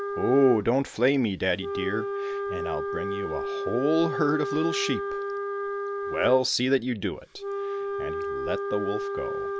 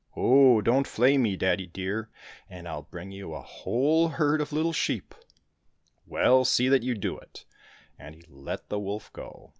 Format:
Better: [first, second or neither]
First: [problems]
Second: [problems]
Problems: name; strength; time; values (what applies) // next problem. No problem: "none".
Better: second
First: background sound (Wind instrument, woodwind instrument); 4 dB below the speech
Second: none